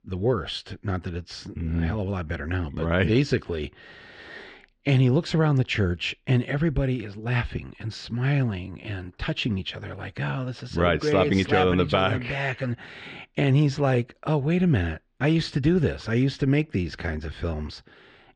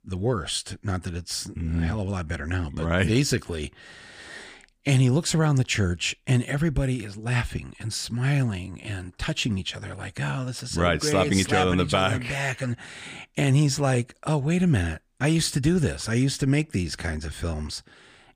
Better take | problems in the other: second | muffled; slightly; fading above 4 kHz

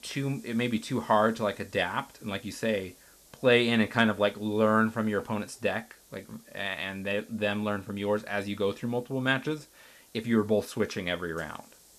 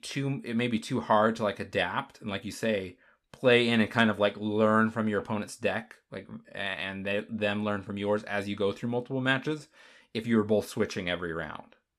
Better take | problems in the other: second | hiss; faint; throughout; 25 dB below the speech

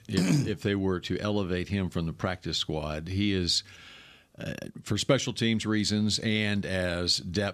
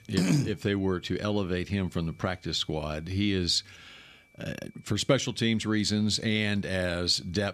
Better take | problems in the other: first | high-pitched whine; faint; throughout; 2.5 kHz, 35 dB below the speech

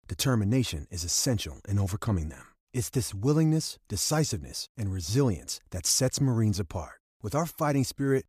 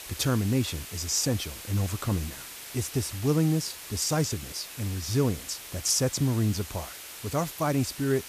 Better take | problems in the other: first | hiss; noticeable; throughout; 10 dB below the speech

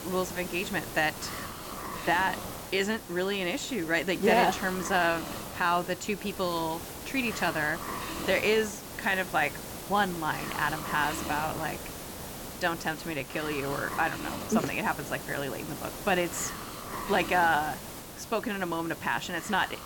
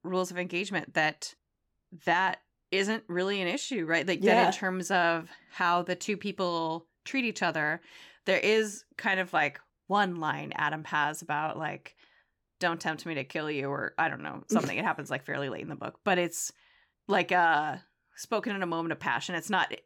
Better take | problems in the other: second | hiss; loud; throughout; 9 dB below the speech

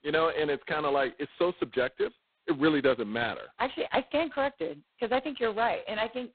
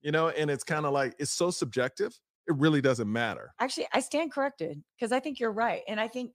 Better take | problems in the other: second | phone-call audio; poor line; nothing above 4 kHz

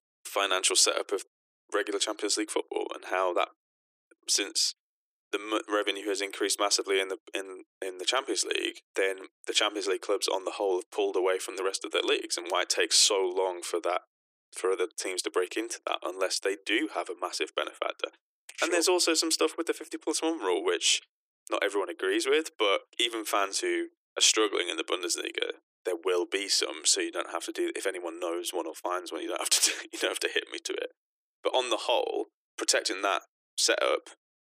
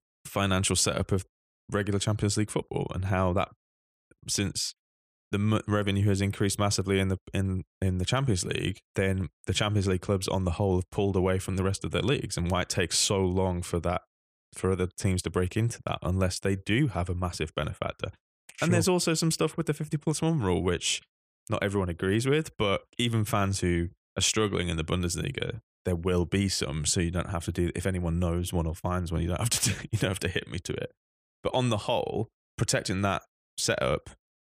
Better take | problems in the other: second | thin; very; fading below 300 Hz

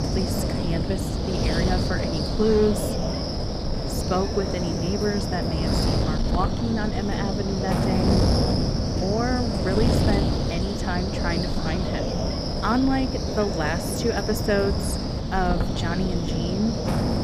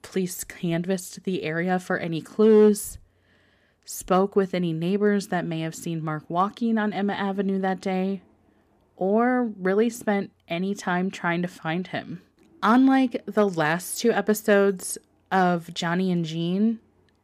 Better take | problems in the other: second | wind noise on the microphone; heavy; as loud as the speech

